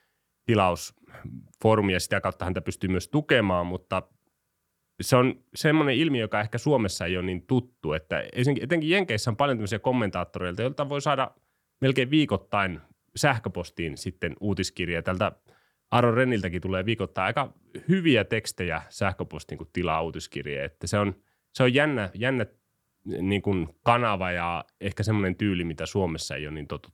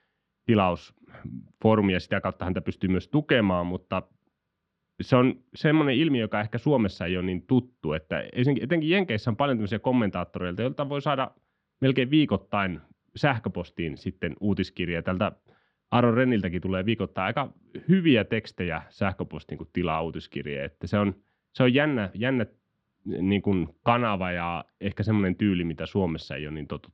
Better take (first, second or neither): first